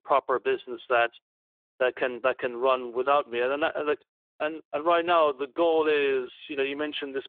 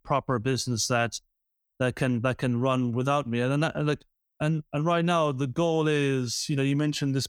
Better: second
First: phone-call audio; nothing above 3.5 kHz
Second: none

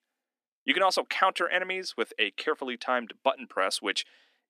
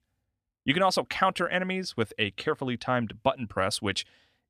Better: second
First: thin; somewhat; fading below 250 Hz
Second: none

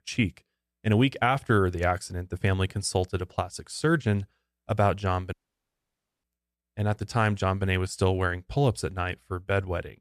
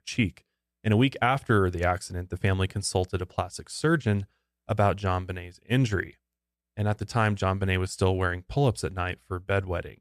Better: second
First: audio cutting out; at 5.5 s for 1 s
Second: none

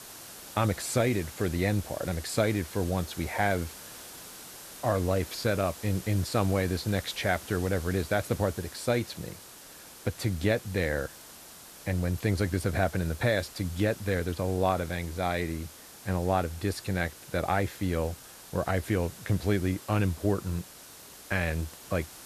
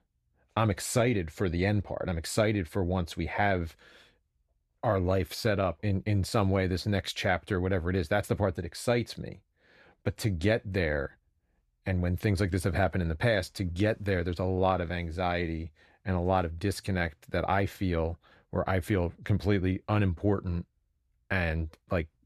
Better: second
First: hiss; noticeable; throughout; 15 dB below the speech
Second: none

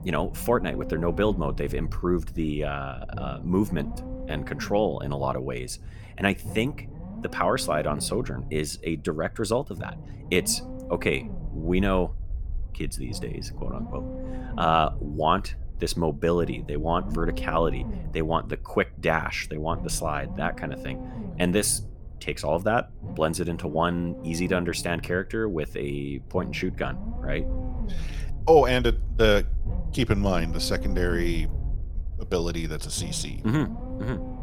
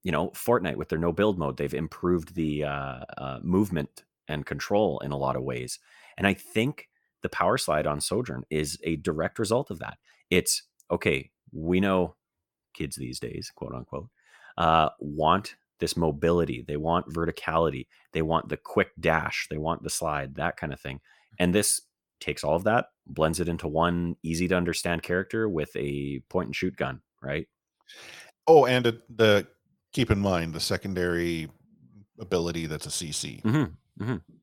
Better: second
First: low rumble; noticeable; throughout; 15 dB below the speech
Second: none

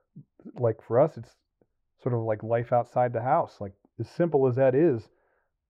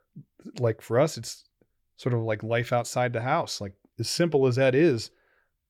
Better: second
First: muffled; very; fading above 2.5 kHz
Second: none

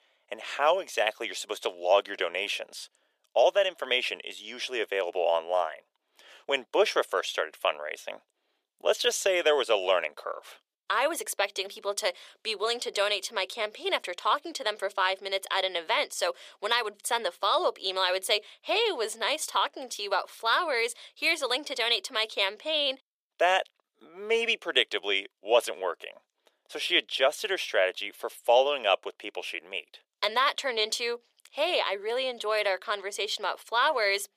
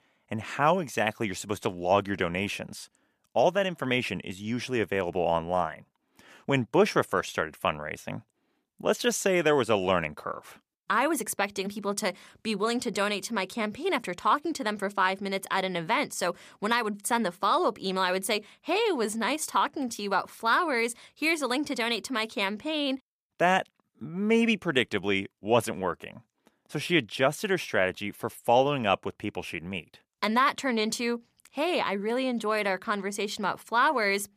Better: second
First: thin; very; fading below 400 Hz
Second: none

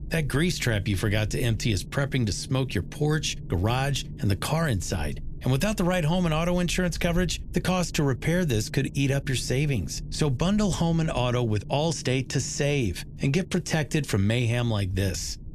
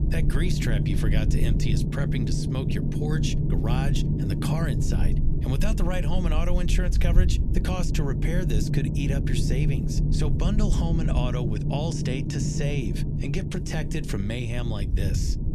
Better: first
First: low rumble; faint; throughout; 20 dB below the speech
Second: low rumble; loud; throughout; 3 dB below the speech

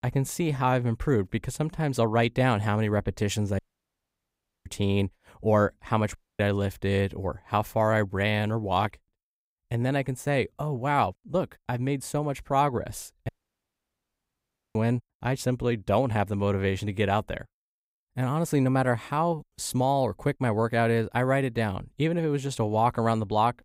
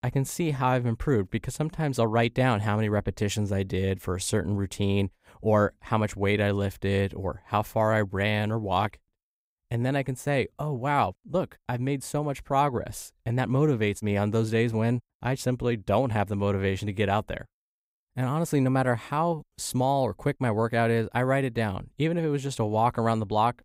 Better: second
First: audio cutting out; at 3.5 s for 1 s, at 6 s and at 13 s for 1.5 s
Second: none

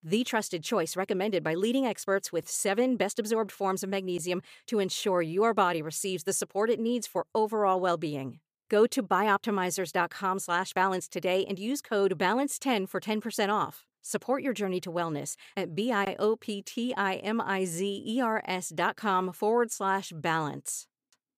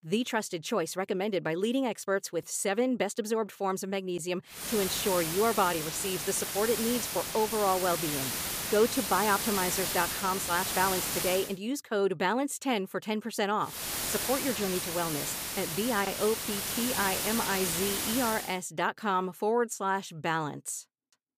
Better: first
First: none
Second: hiss; loud; from 4.5 to 11 s and from 14 to 18 s; 1 dB below the speech

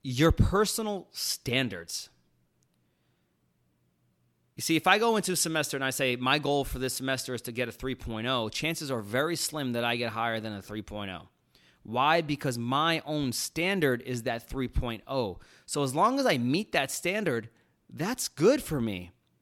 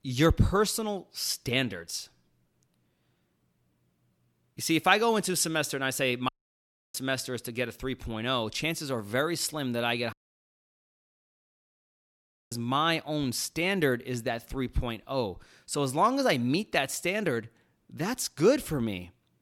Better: first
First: none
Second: audio cutting out; at 6.5 s for 0.5 s and at 10 s for 2.5 s

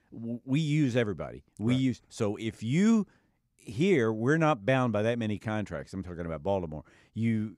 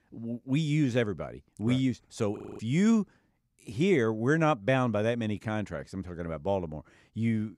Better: first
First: none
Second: audio freezing; at 2.5 s

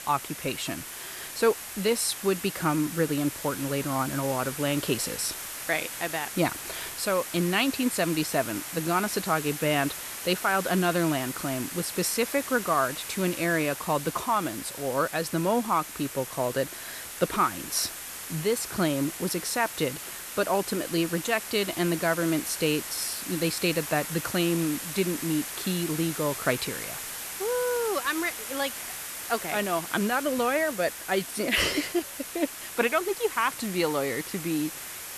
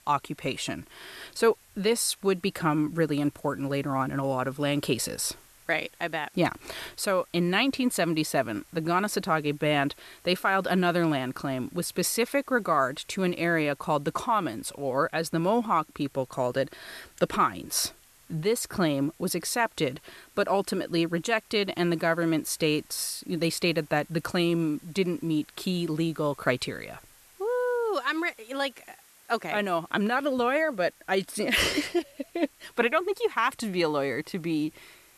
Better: second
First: hiss; loud; throughout; 7 dB below the speech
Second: hiss; faint; throughout; 25 dB below the speech

